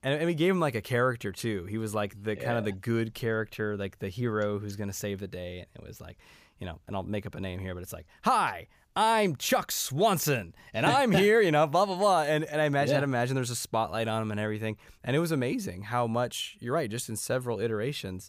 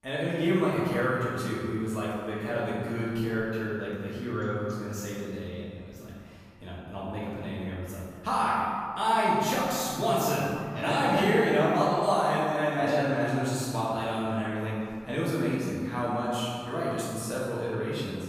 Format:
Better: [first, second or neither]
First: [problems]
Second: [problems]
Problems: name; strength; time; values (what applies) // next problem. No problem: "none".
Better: first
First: none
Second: room echo; strong; dies away in 2 s // off-mic speech; far